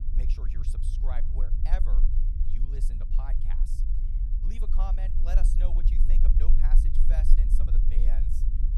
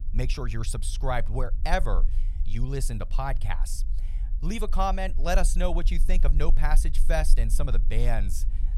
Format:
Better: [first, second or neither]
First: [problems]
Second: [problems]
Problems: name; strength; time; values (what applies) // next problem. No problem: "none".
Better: second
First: low rumble; loud; throughout; 4 dB below the speech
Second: low rumble; faint; throughout; 20 dB below the speech